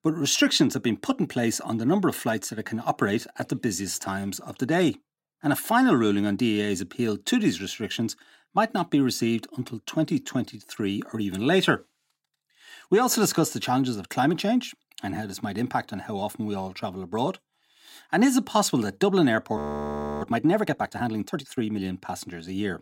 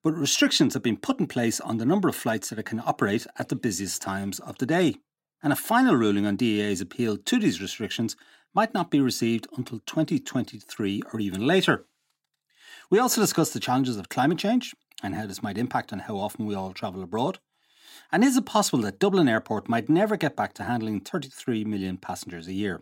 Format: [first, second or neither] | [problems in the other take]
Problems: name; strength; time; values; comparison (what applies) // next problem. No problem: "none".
second | audio freezing; at 20 s for 0.5 s